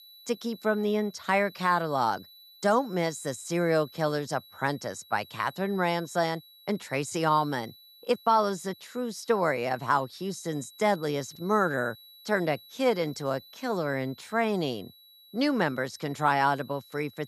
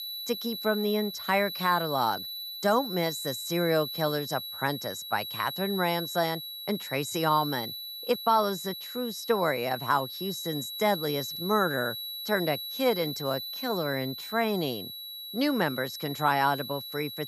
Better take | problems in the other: first | high-pitched whine; loud; throughout; 4 kHz, 6 dB below the speech; faint in the first

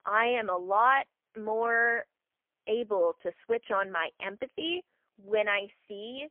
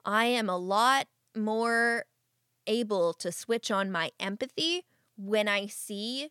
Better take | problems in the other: second | phone-call audio; poor line; nothing above 3.5 kHz

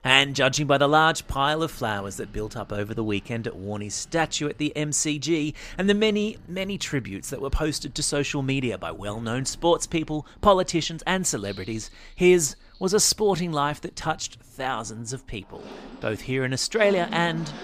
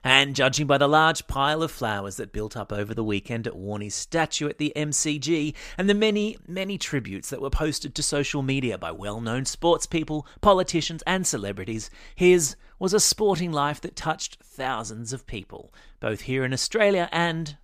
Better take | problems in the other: second | household noises; faint; throughout; 20 dB below the speech

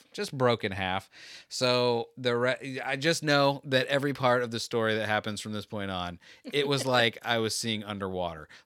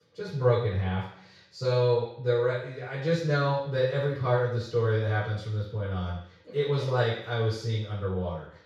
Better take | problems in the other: first | room echo; noticeable; dies away in 0.6 s // off-mic speech; far

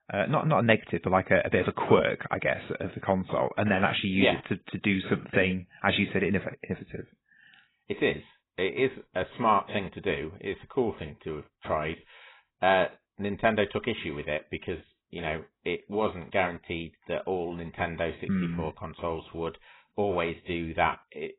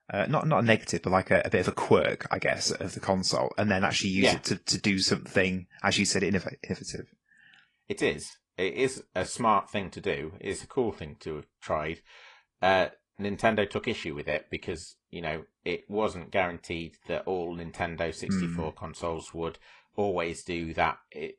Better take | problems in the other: second | garbled, watery; badly; nothing above 4 kHz; slightly in the second

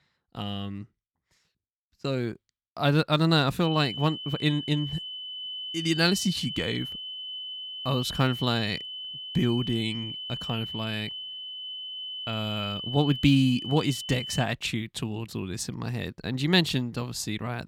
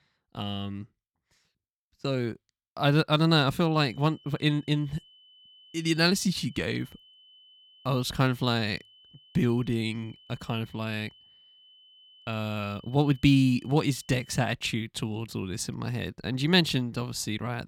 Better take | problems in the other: second | high-pitched whine; loud; from 3.5 to 14 s; 3 kHz, 7 dB below the speech; faint in the second

